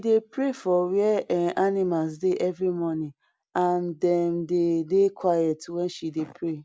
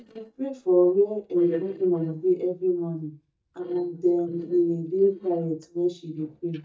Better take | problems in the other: first | noise reduction (neural mask model DeepFilterNet 3)

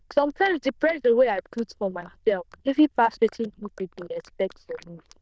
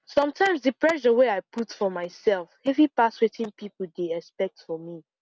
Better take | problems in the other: second | noise reduction (neural diffusion model UNIVERSE++)

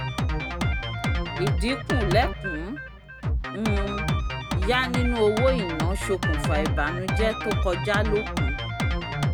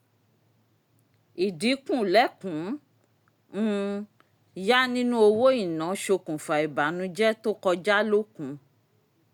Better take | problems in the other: second | background sound (Drum kit); 2 dB above the speech

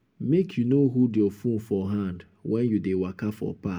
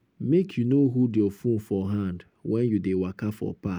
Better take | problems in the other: second | room echo; dies away in 0.3 s

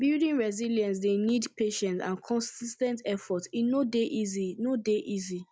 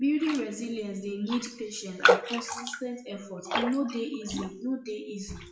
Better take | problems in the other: first | noise reduction (classical method WPE with log-MMSE)

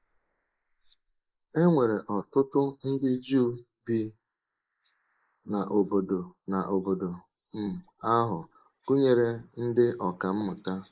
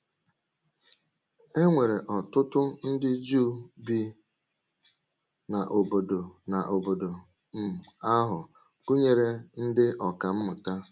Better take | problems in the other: second | noise reduction (neural mask model Resemble Enhance denoiser)

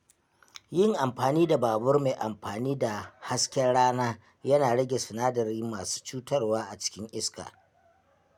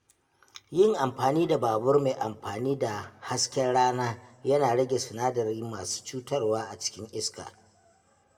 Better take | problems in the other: first | room echo; dies away in 0.7 s

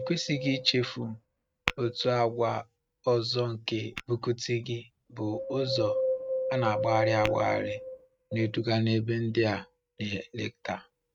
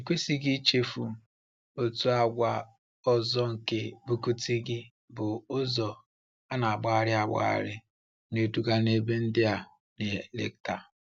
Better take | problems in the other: second | noise reduction (neural mask model RNNoise)

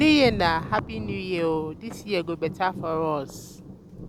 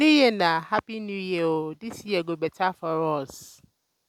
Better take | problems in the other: second | background sound (Thunder); 11 dB below the speech

